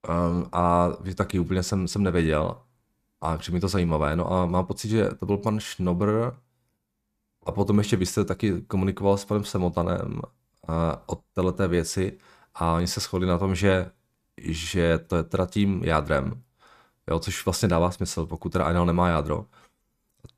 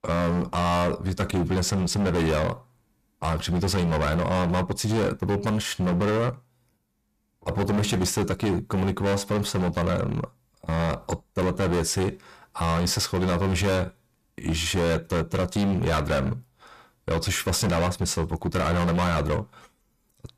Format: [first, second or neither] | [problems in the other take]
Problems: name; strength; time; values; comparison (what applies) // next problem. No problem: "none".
first | distortion; heavy; 23% of the sound clipped